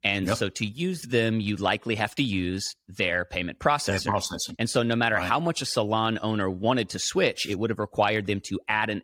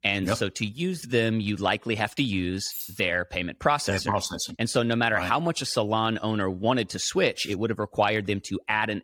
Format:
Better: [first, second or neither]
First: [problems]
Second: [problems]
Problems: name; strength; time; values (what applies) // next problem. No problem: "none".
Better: first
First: none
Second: jangling keys; noticeable; at 2.5 s; peak 9 dB below the speech